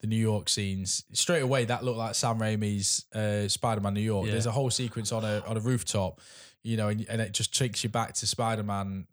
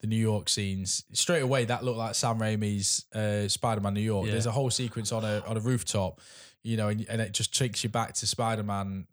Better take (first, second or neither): neither